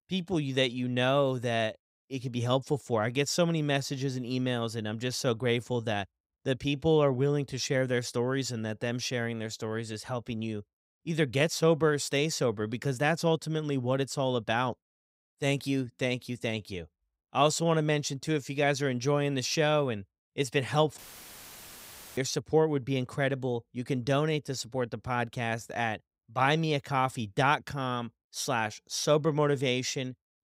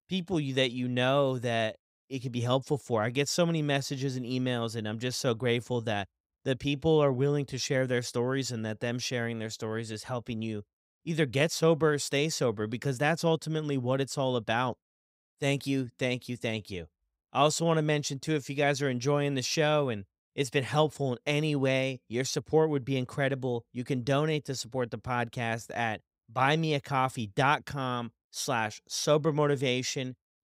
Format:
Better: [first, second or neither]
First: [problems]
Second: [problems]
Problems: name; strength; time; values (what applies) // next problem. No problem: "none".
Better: second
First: audio cutting out; filled with static; at 21 s for 1 s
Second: none